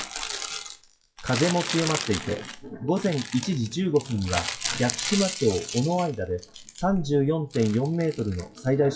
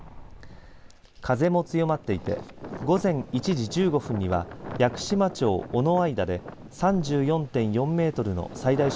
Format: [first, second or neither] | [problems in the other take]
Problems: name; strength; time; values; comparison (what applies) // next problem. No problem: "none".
second | noise reduction (classical method WPE with log-MMSE)